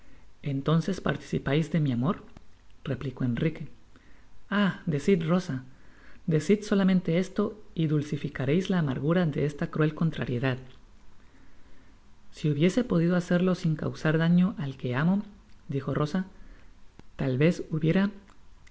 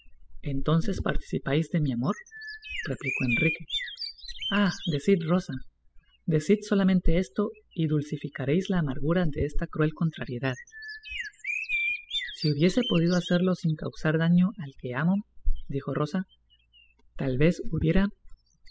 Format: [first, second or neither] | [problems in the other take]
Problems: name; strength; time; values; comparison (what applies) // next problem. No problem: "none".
first | noise reduction (classical method spectral subtraction)